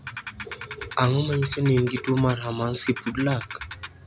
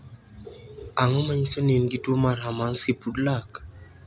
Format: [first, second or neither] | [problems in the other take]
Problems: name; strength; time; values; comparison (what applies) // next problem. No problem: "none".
second | background sound (Ratchet, pawl); 13 dB below the speech